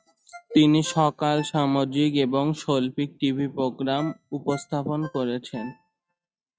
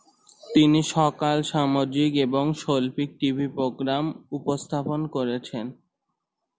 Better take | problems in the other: second | noise reduction (neural mask model RNNoise)

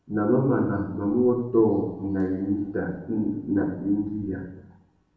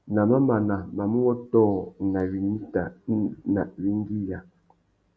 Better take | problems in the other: second | room echo; dies away in 0.9 s

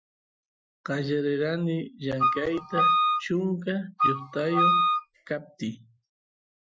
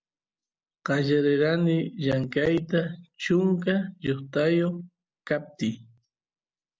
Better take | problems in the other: second | noise reduction (classical method Wiener filter)

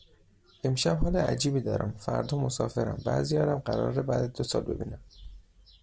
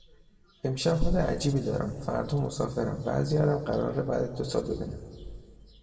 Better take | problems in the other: first | room echo; dies away in 1.7 s

